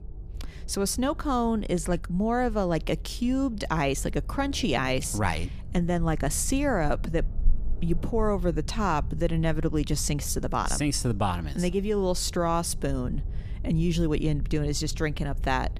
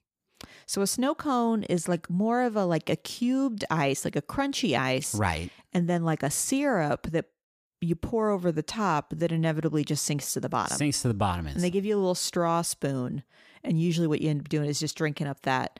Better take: second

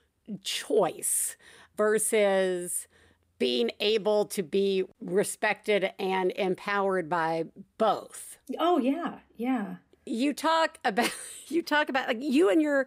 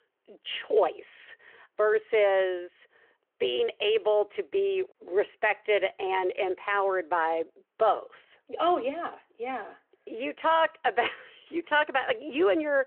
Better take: first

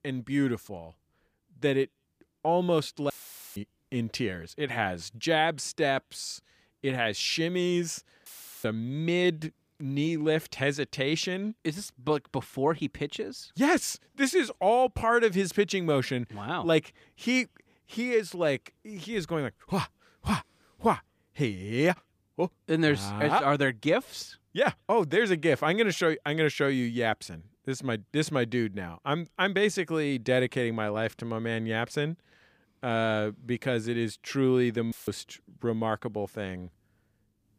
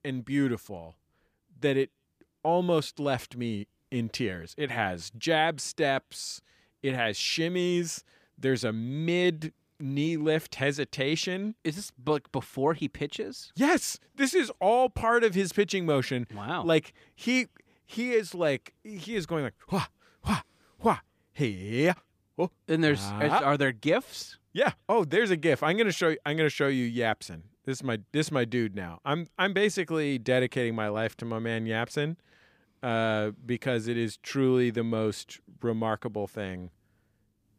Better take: second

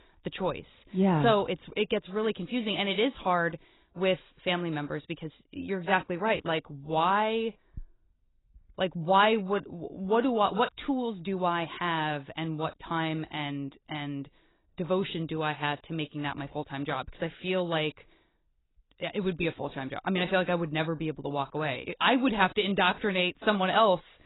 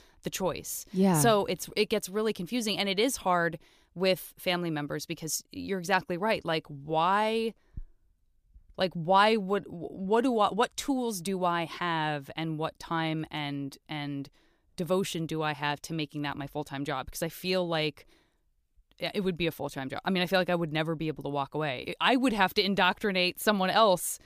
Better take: second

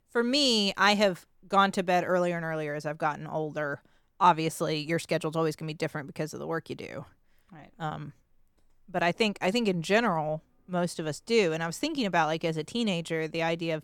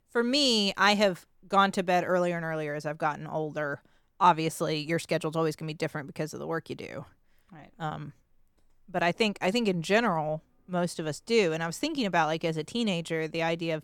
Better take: neither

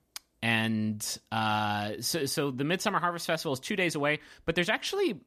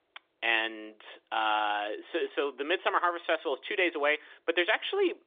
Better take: first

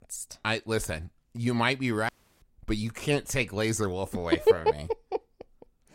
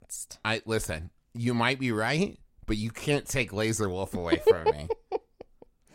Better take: second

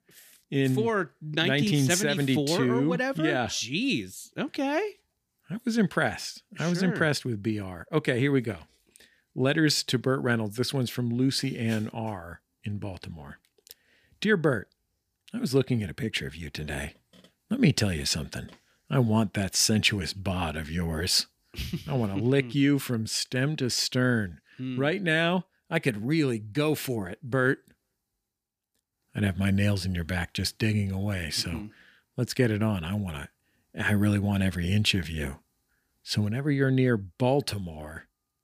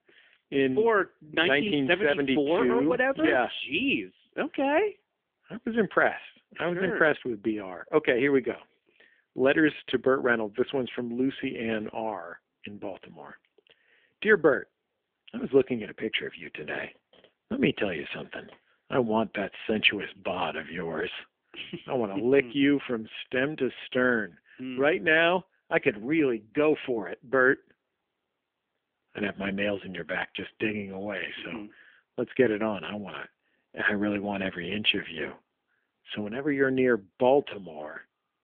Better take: first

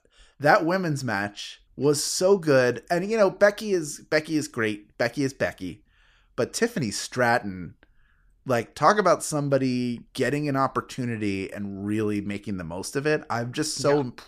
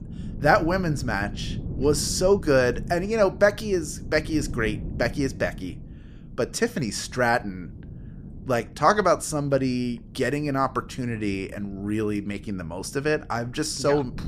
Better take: first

